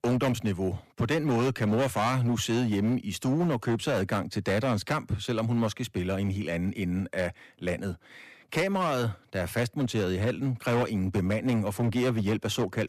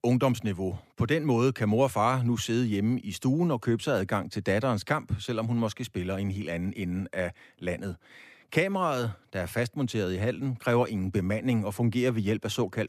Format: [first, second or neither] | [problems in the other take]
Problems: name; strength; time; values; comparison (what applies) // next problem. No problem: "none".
second | distortion; slight; 12% of the sound clipped